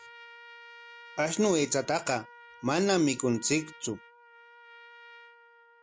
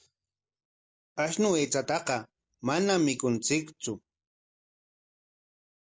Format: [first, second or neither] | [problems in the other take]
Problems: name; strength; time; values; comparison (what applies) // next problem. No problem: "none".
second | background sound (Trumpet); 20 dB below the speech